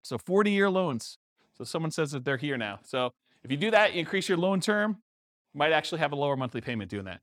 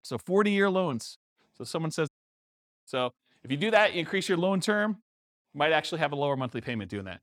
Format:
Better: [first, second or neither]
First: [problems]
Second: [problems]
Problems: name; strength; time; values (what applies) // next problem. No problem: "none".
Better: first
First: none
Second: audio cutting out; at 2 s for 1 s